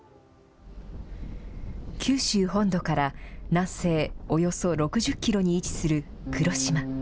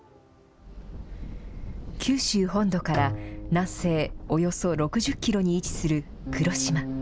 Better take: first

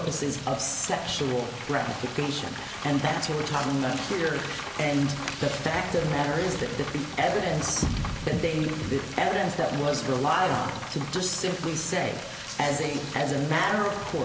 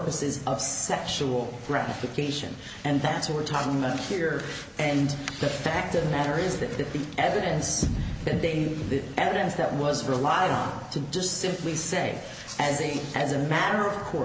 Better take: second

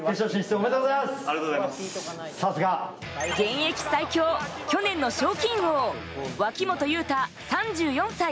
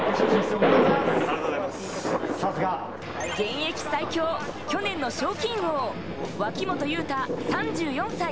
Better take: first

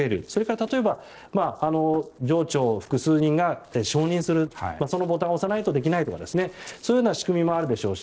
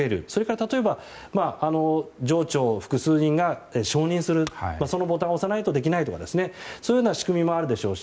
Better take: second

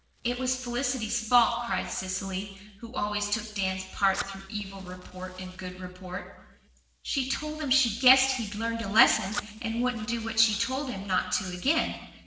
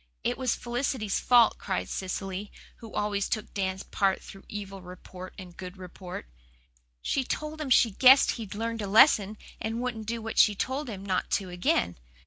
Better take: second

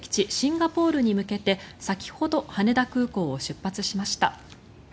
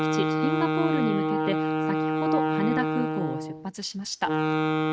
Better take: first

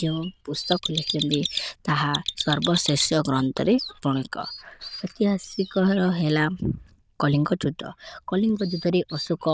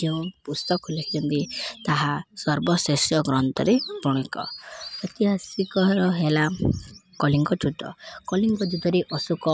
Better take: second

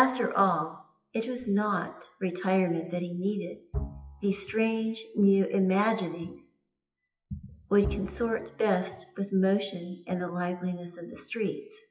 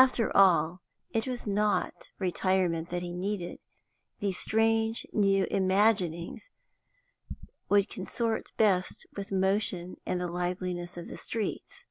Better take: second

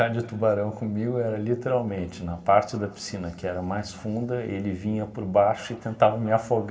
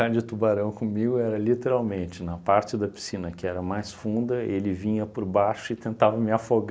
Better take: second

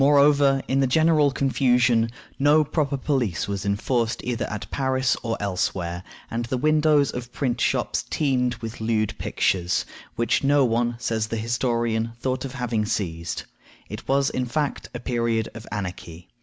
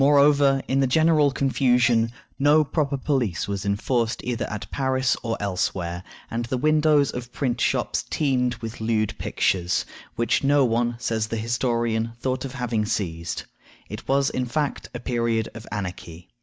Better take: first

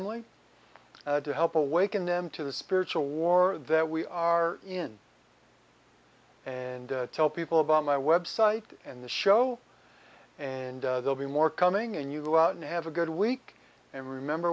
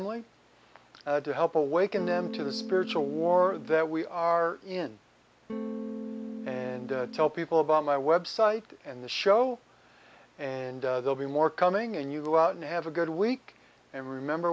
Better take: first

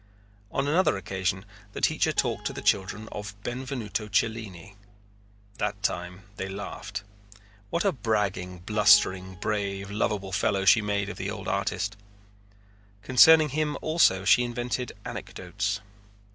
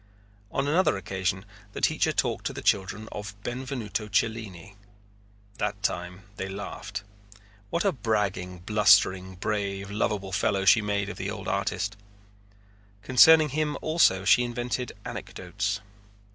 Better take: second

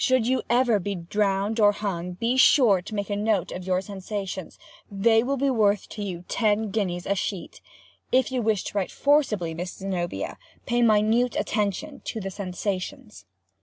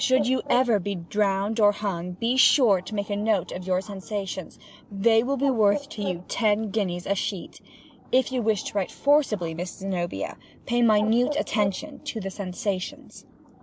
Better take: first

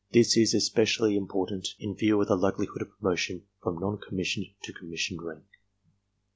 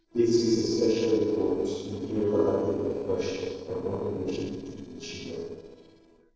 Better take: first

